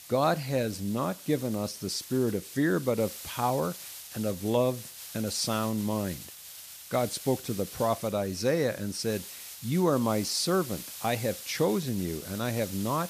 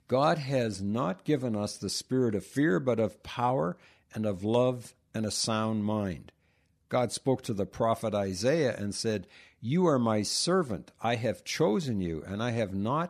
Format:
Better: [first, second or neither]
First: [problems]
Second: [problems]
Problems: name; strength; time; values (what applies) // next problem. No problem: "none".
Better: second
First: hiss; noticeable; throughout; 10 dB below the speech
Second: none